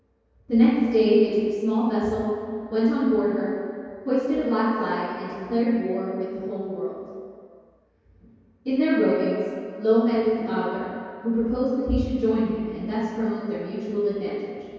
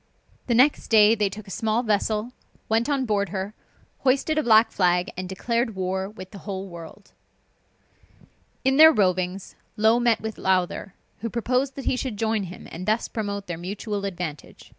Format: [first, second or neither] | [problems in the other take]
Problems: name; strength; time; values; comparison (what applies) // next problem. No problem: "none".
second | room echo; dies away in 2.2 s